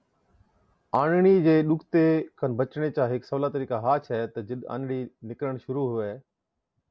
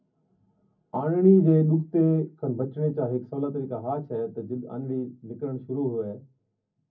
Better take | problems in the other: first | room echo; dies away in 0.3 s

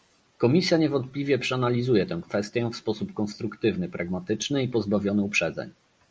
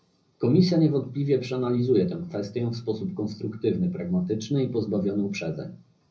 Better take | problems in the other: first | room echo; dies away in 0.4 s

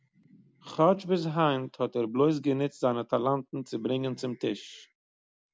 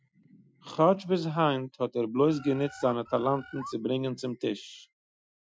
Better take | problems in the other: first | noise reduction (classical method Wiener filter)

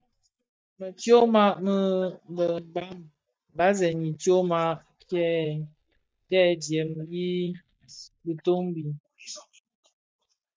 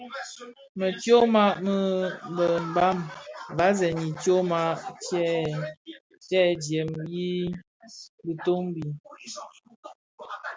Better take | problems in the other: second | noise reduction (neural mask model DeepFilterNet 3)

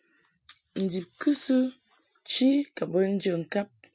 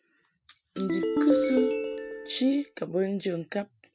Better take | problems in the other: first | background sound (Ringtone); 3 dB above the speech

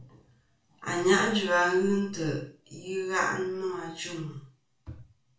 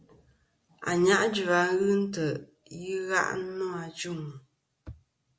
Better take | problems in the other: second | room echo; dies away in 0.3 s

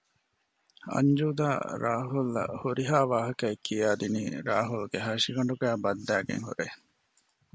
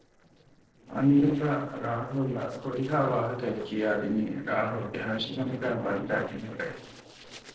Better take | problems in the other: first | noise reduction (neural separator model SepFormer DNS4)

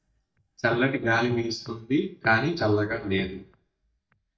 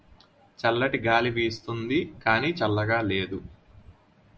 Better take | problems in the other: second | noise reduction (neural mask model DeepFilterNet 3)

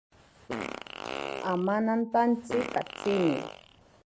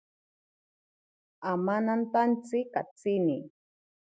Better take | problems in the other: second | background sound (Fart); 9 dB below the speech

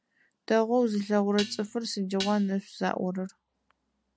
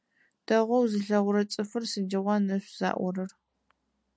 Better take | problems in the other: second | background sound (Dishes, pots, and pans); 11 dB below the speech

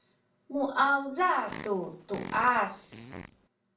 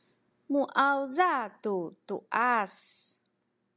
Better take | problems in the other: second | background sound (Fart); 14 dB below the speech // room echo; dies away in 0.3 s

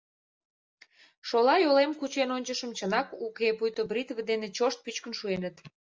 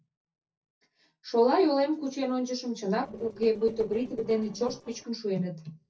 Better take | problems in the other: first | noise reduction (neural separator model SepFormer DNS4)

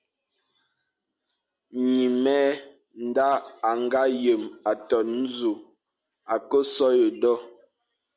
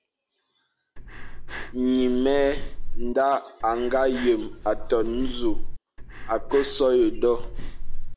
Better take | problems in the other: first | background sound (Breathing); 2 dB below the speech

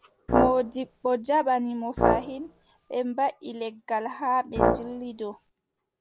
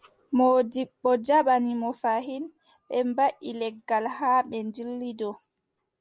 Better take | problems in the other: second | background sound (Brass instrument); 1 dB above the speech

